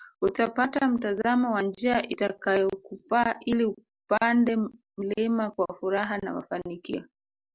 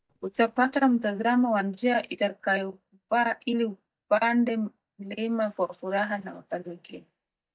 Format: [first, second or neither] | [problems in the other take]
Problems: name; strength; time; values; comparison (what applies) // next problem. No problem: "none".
first | noise reduction (neural mask model DeepFilterNet 3)